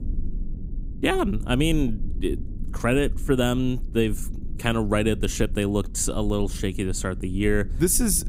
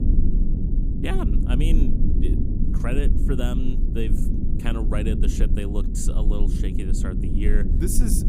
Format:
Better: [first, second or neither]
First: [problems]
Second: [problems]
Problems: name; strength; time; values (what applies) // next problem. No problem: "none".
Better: first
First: low rumble; faint; throughout; 20 dB below the speech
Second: low rumble; loud; throughout; 3 dB below the speech